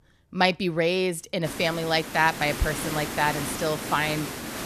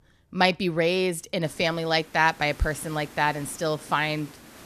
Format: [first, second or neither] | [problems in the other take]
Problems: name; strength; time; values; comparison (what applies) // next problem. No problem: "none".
second | hiss; loud; from 1.5 s on; 7 dB below the speech; faint in the second